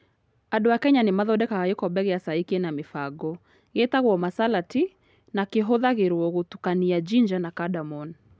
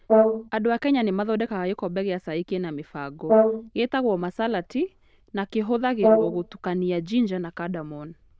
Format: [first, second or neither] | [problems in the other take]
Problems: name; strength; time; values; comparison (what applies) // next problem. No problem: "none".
first | noise reduction (neural diffusion model UNIVERSE++)